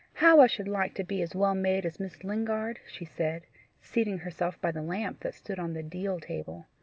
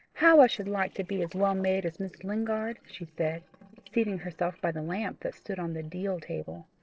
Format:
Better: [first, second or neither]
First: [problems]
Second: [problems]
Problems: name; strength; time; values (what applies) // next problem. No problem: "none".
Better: first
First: none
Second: noise reduction (neural separator model SepFormer DNS4)